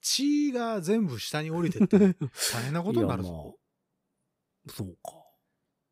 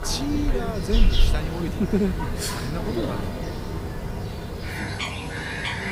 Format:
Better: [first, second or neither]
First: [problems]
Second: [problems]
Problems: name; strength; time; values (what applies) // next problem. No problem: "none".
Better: first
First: none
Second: animal sounds; loud; throughout; as loud as the speech